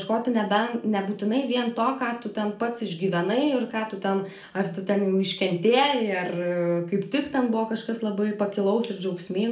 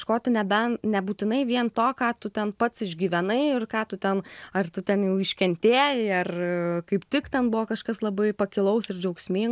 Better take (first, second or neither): second